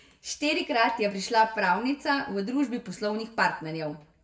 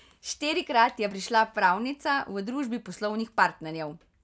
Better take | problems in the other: second | room echo; dies away in 0.5 s

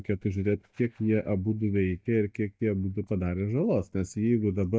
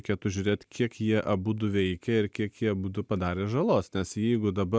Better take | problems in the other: second | noise reduction (neural mask model DeepFilterNet 3)

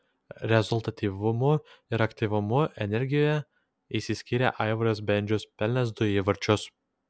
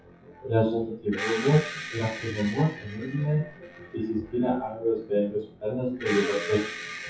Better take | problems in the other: first | noise reduction (classical method WPE with log-MMSE)

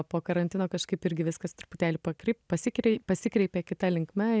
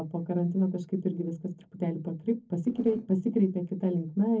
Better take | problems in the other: first | noise reduction (neural separator model SepFormer DNS4)

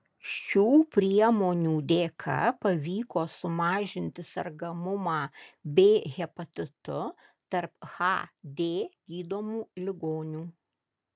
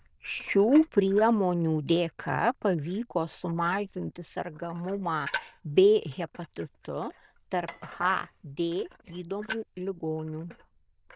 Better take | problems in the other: first | noise reduction (neural diffusion model UNIVERSE++)

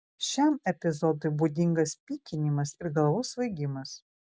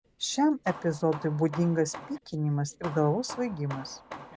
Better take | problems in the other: first | background sound (Hammer); 15 dB below the speech

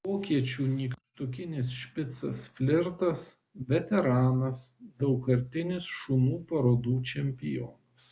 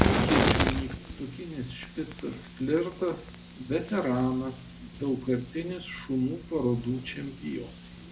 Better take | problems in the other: first | background sound (Fire); 1 dB below the speech // room echo; dies away in 0.3 s

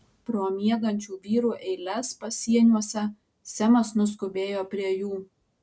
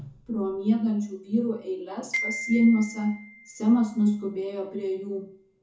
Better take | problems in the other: first | background sound (Glockenspiel); 11 dB below the speech // room echo; dies away in 0.7 s

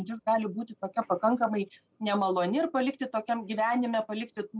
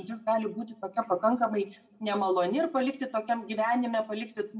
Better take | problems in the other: first | room echo; dies away in 0.4 s

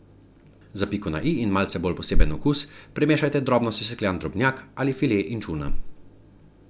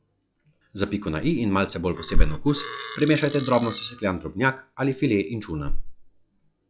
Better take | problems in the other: first | noise reduction (classical method log-MMSE)

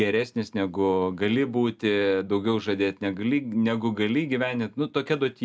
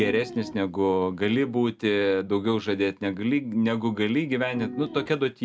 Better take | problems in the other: first | background sound (Piano); 10 dB below the speech

